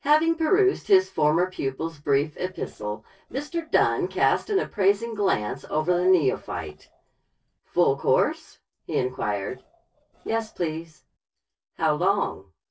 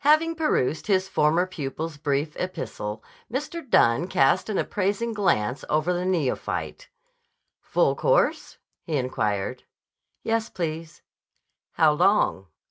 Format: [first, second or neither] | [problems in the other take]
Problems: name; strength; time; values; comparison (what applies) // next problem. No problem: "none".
second | noise reduction (neural separator model SepFormer DNS4)